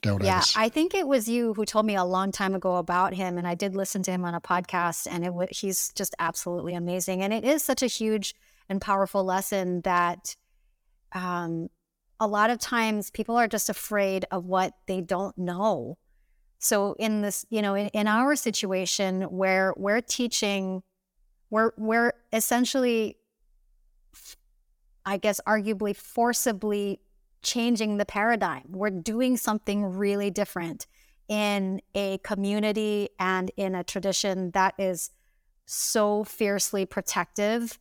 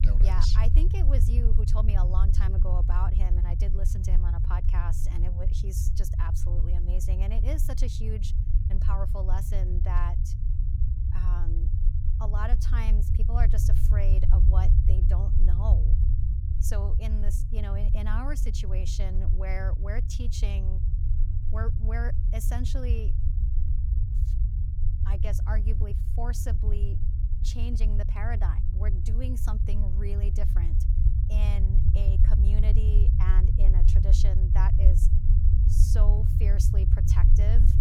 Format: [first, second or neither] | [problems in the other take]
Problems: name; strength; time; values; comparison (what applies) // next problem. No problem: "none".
first | low rumble; loud; throughout; 3 dB below the speech